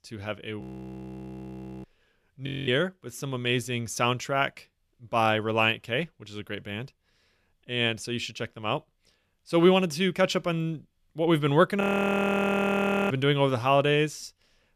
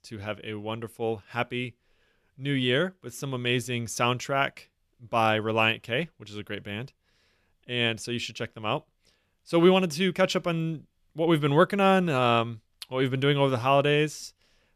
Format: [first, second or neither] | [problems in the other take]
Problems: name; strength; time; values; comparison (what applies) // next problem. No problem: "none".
second | audio freezing; at 0.5 s for 1 s, at 2.5 s and at 12 s for 1.5 s